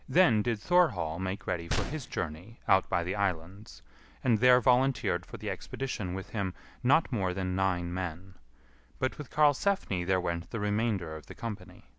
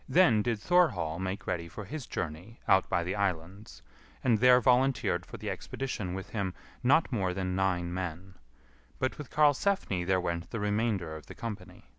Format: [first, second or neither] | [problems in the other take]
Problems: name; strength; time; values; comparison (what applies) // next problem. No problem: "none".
second | background sound (Gunshot, gunfire); 9 dB below the speech